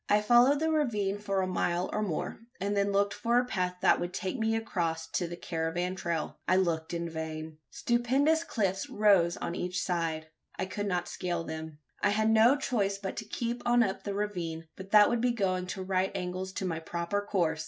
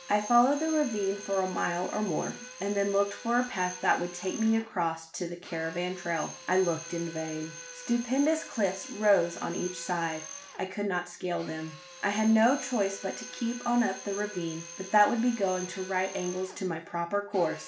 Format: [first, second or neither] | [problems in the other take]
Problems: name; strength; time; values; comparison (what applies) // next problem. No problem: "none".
first | background sound (Drill); 15 dB below the speech // room echo; dies away in 0.4 s